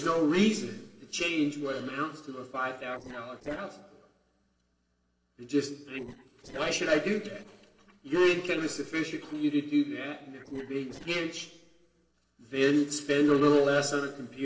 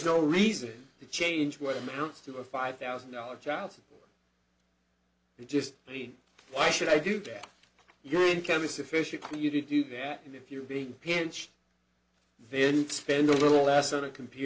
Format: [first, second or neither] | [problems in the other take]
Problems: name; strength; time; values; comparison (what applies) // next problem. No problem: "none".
second | noise reduction (neural separator model SepFormer DNS4)